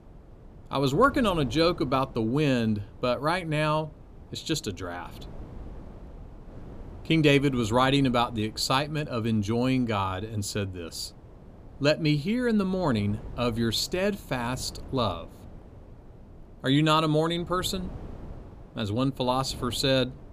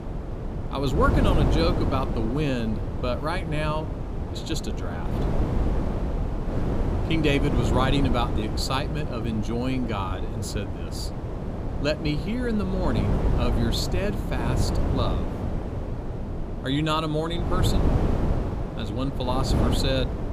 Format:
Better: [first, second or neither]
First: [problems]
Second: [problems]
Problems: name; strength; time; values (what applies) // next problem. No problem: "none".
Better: first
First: wind noise on the microphone; occasional gusts; 25 dB below the speech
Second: wind noise on the microphone; heavy; 5 dB below the speech